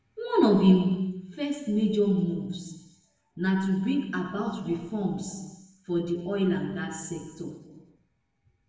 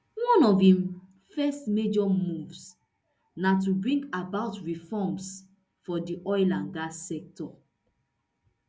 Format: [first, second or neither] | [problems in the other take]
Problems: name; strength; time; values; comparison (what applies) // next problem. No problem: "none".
second | room echo; dies away in 1.2 s